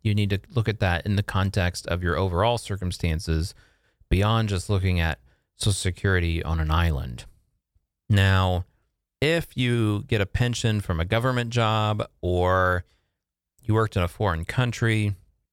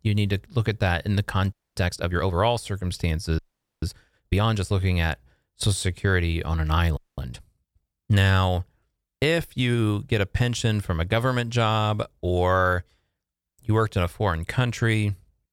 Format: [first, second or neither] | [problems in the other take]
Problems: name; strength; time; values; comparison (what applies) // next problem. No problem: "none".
first | audio freezing; at 1.5 s, at 3.5 s and at 7 s